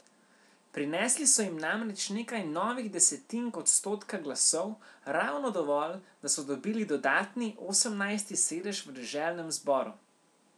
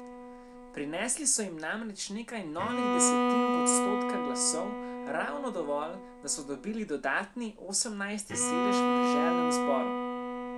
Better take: first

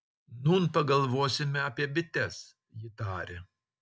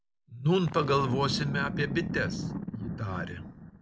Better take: first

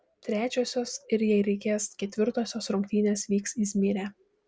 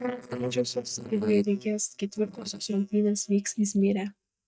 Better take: first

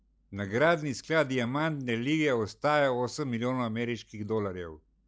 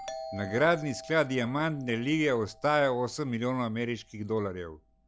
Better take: first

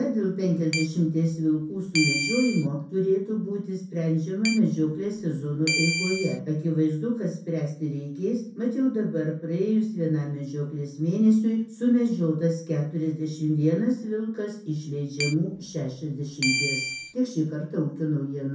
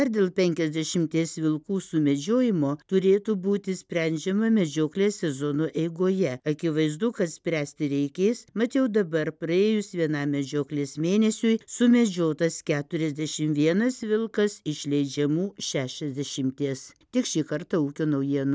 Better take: second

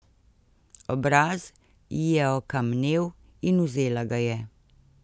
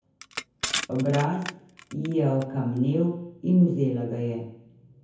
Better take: first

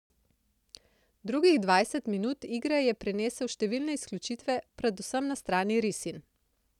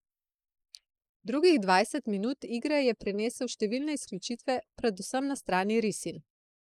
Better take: first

